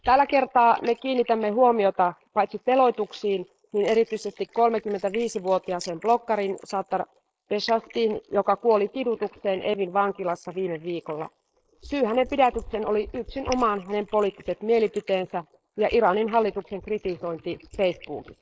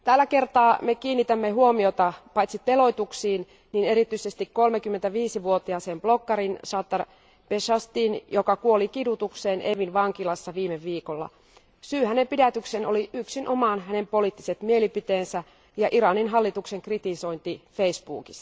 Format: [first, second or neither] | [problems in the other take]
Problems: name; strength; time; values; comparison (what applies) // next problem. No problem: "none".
second | noise reduction (neural mask model Resemble Enhance denoiser)